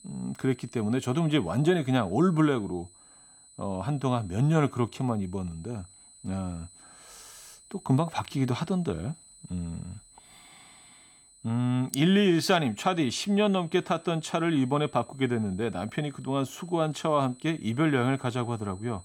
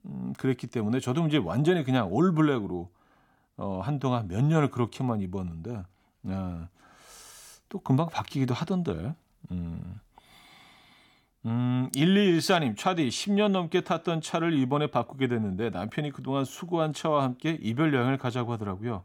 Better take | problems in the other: second | high-pitched whine; faint; throughout; 8 kHz, 25 dB below the speech

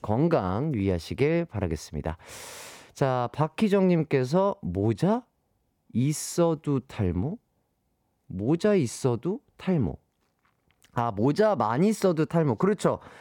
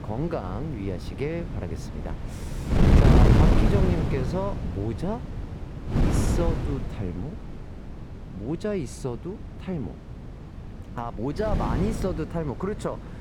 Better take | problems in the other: first | wind noise on the microphone; heavy; 1 dB above the speech

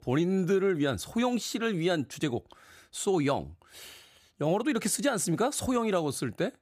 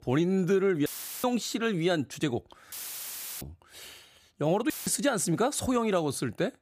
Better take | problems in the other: first | audio cutting out; filled with static; at 1 s, at 2.5 s for 0.5 s and at 4.5 s

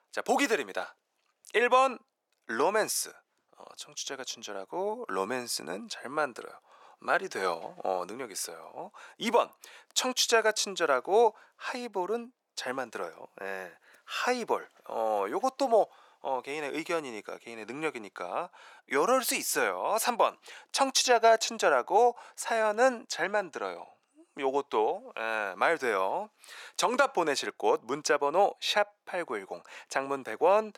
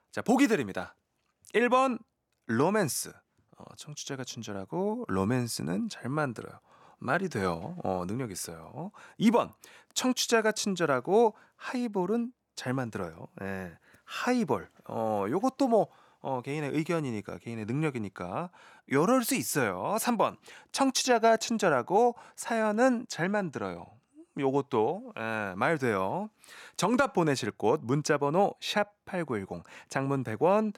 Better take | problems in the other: second | thin; somewhat; fading below 500 Hz

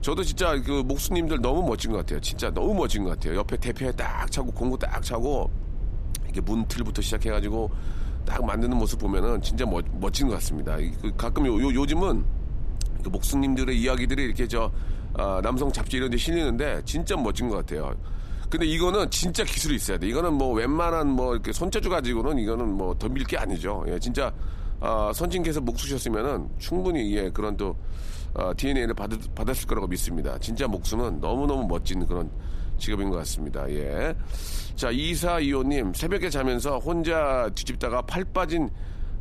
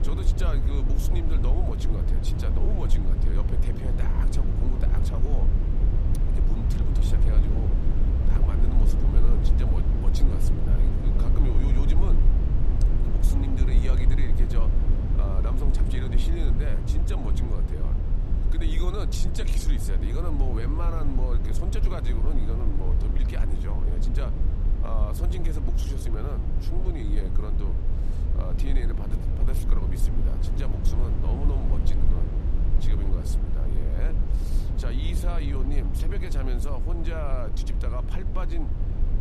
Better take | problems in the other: first | low rumble; loud; throughout; 1 dB below the speech; faint in the first

